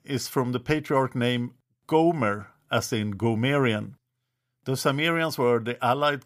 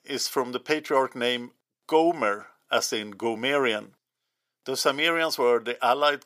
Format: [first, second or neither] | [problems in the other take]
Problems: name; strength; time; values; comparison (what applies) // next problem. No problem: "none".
first | thin; somewhat; fading below 450 Hz